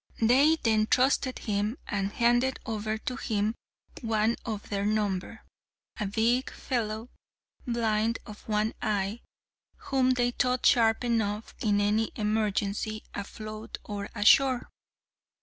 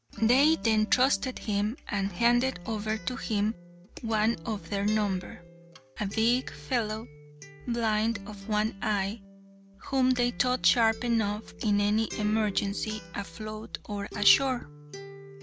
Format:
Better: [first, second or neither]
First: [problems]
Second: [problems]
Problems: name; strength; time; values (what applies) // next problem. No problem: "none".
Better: first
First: none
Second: background sound (Acoustic guitar); 16 dB below the speech